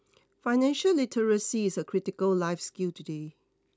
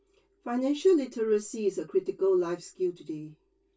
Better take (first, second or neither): first